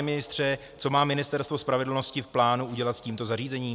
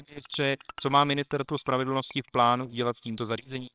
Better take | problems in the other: first | noise reduction (neural separator model SepFormer WHAMR!)

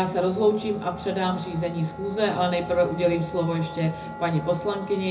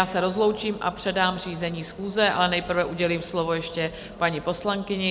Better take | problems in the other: second | background sound (Wind instrument, woodwind instrument); 15 dB below the speech // room echo; dies away in 0.4 s

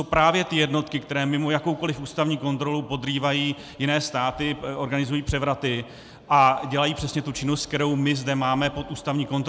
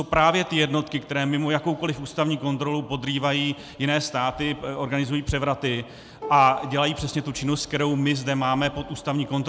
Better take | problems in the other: first | background sound (Plucked string instrument); 17 dB below the speech

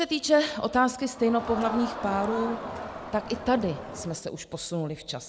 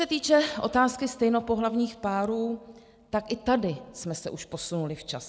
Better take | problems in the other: second | background sound (Crowd); 8 dB below the speech

